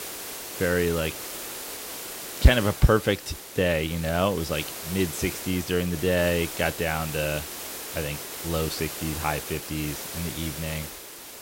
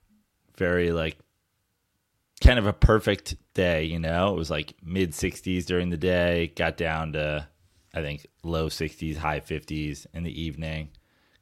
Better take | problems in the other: second | hiss; loud; throughout; 8 dB below the speech

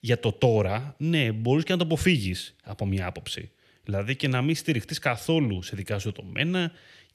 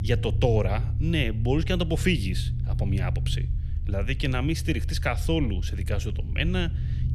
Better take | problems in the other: first | low rumble; noticeable; throughout; 15 dB below the speech

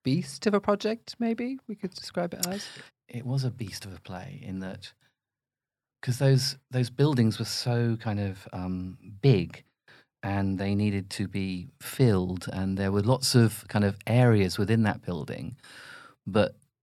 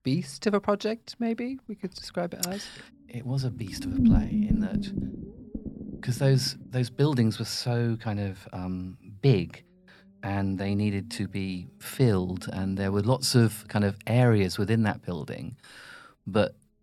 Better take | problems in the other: first | low rumble; loud; throughout; 6 dB below the speech

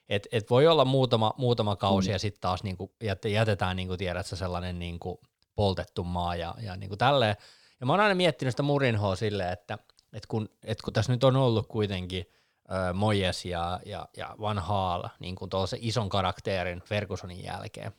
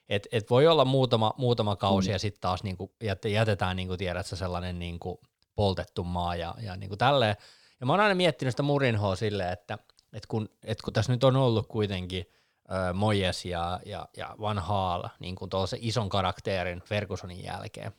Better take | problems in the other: neither | none

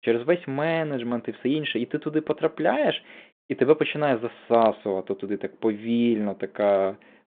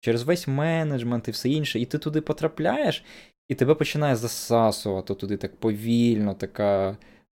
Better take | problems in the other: second | phone-call audio

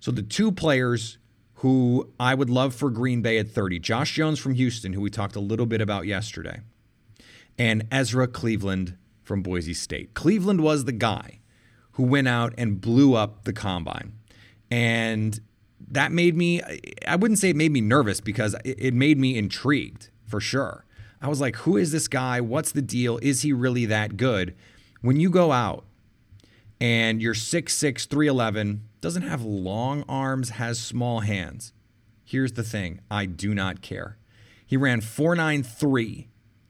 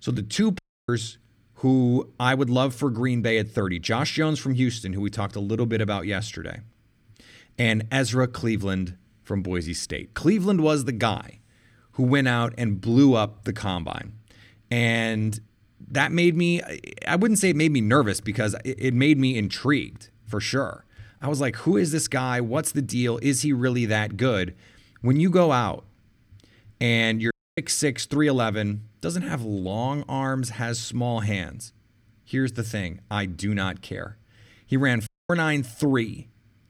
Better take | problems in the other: first | audio cutting out; at 0.5 s, at 27 s and at 35 s

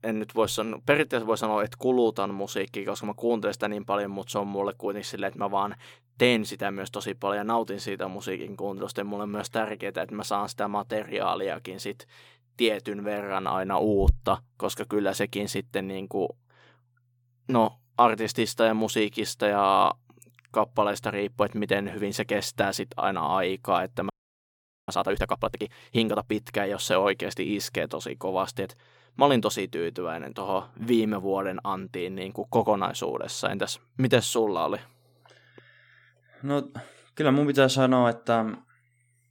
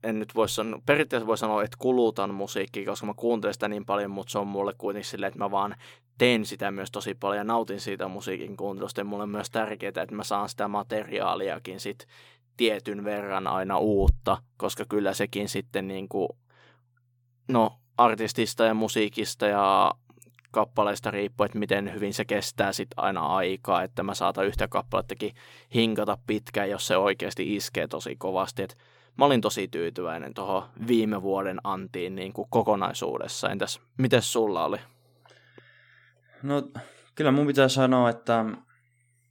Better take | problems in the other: second | audio freezing; at 24 s for 1 s

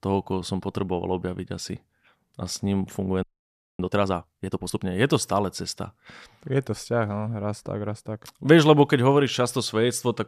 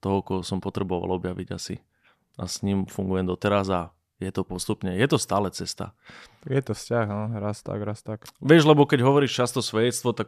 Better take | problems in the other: second | audio freezing; at 3 s for 0.5 s

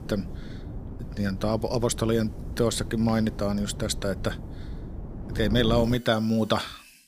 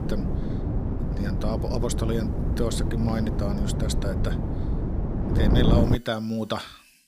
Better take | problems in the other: first | wind noise on the microphone; heavy; until 6 s; 3 dB below the speech; occasional gusts in the first

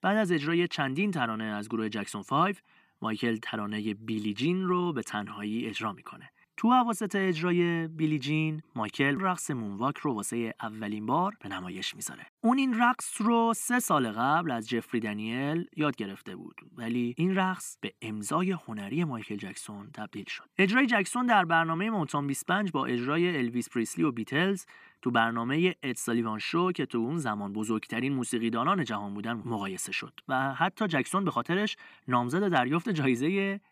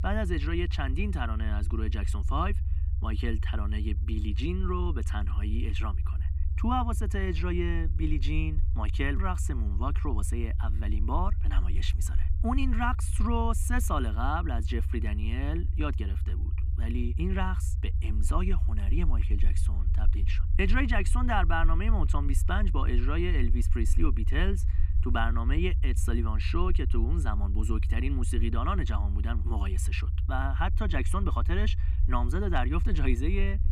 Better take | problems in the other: first | low rumble; noticeable; throughout; 15 dB below the speech

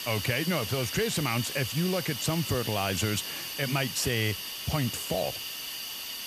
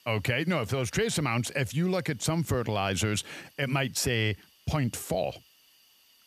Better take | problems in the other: second | hiss; loud; throughout; 4 dB below the speech; faint in the second

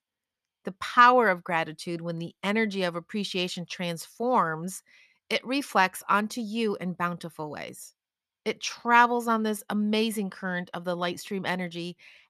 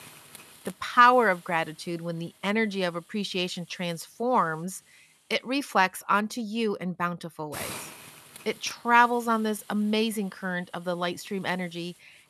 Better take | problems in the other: first | hiss; faint; throughout; 20 dB below the speech

